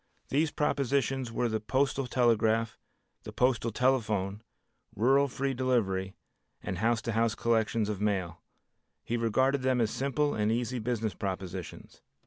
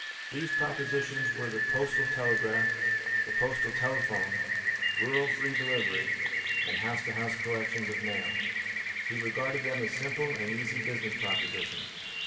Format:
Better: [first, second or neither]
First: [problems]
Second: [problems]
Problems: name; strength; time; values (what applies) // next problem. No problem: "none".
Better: first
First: none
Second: background sound (Rain); 5 dB above the speech // room echo; dies away in 2.9 s